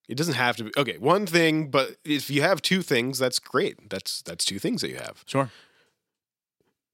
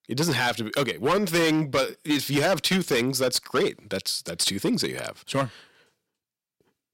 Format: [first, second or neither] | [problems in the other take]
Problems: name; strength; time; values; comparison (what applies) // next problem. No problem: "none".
first | distortion; heavy; 7% of the sound clipped